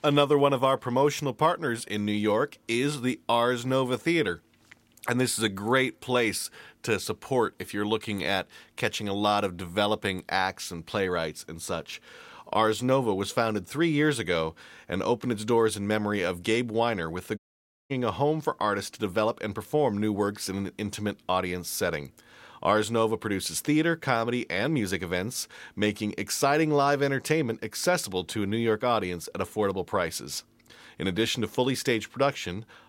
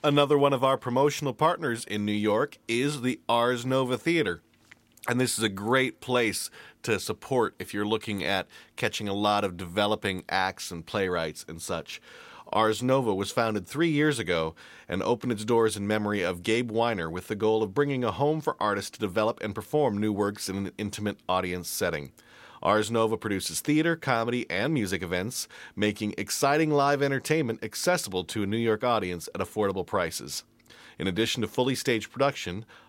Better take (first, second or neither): second